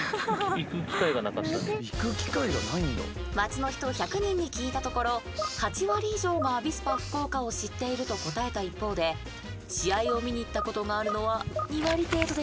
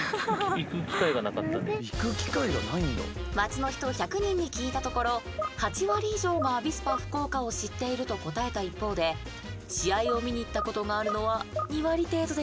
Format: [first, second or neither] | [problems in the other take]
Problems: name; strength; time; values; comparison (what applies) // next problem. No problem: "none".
second | background sound (Writing); 14 dB below the speech